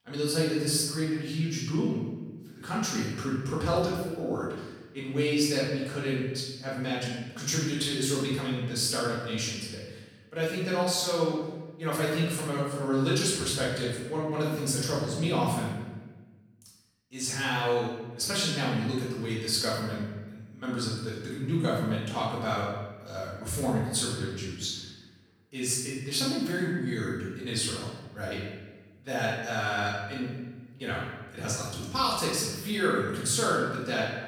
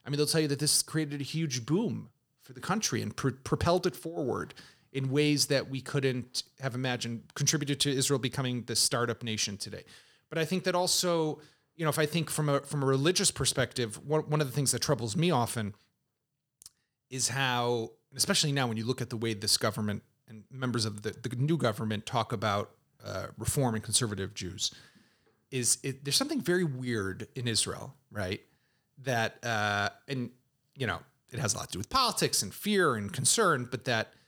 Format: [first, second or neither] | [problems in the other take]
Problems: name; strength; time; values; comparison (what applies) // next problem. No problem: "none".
second | off-mic speech; far // room echo; noticeable; dies away in 1 s